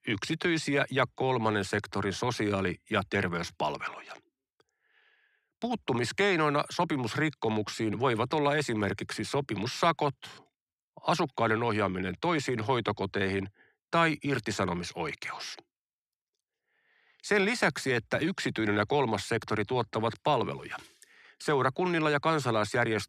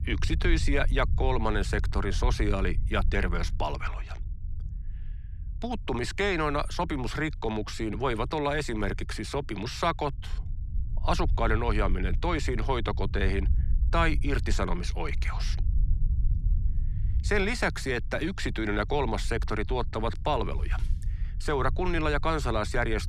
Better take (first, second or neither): first